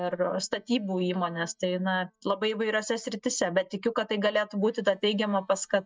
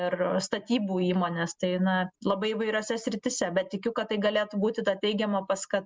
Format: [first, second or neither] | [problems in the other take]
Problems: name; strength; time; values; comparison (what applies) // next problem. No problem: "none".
second | noise reduction (neural mask model DeepFilterNet 3)